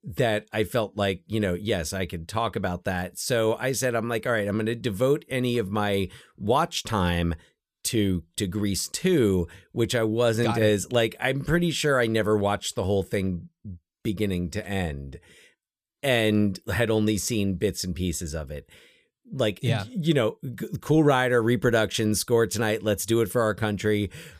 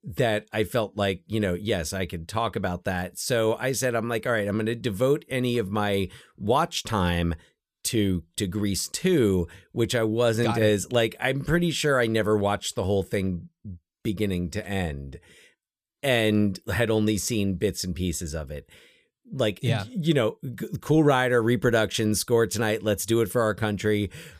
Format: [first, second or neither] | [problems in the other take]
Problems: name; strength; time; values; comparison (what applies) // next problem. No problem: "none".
neither | none